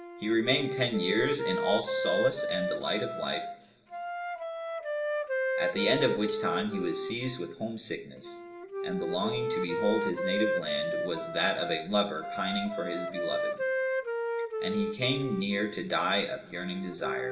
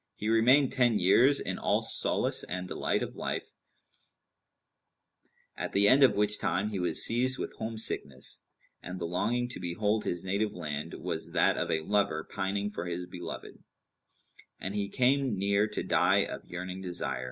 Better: second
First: background sound (Wind instrument, woodwind instrument); 1 dB below the speech // room echo; dies away in 2 s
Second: none

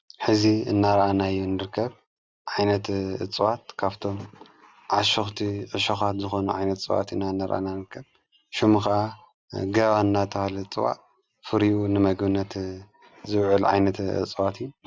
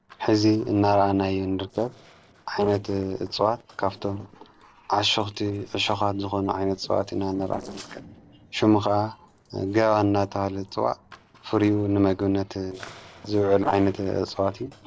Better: first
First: none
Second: noise reduction (neural separator model SepFormer DNS4)

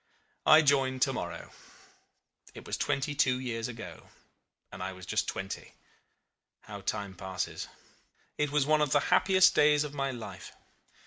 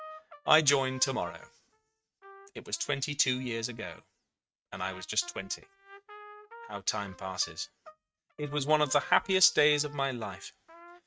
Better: first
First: none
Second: noise reduction (neural mask model RNNoise)

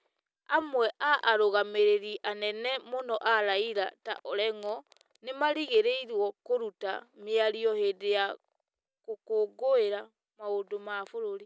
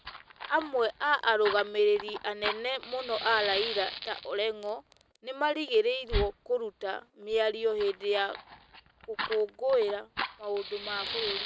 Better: first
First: none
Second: background sound (Fire); 9 dB below the speech

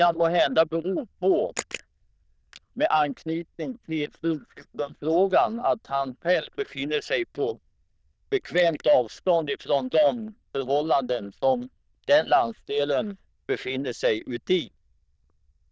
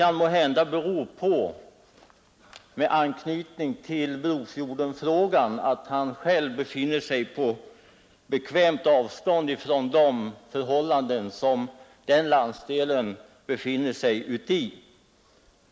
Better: second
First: noise reduction (neural diffusion model UNIVERSE++)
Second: none

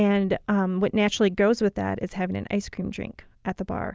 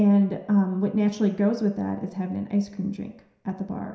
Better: first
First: none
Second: room echo; dies away in 0.7 s

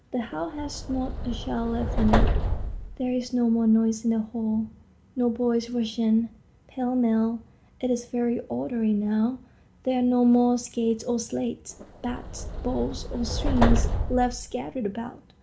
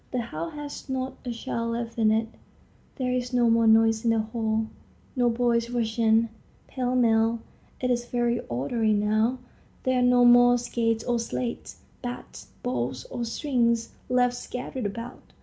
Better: second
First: background sound (Subway, metro, underground); 1 dB below the speech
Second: none

